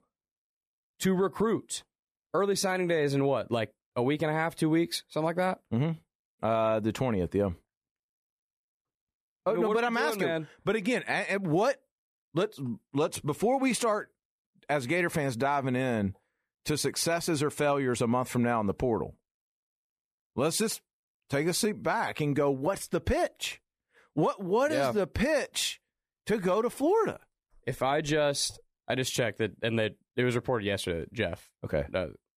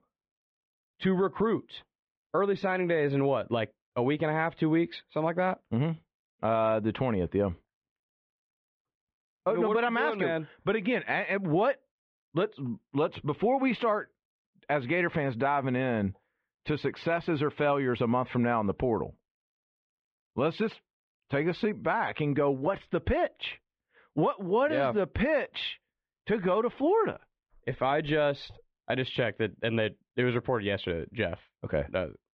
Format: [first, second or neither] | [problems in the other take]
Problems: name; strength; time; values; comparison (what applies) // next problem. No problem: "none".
first | muffled; very; fading above 3.5 kHz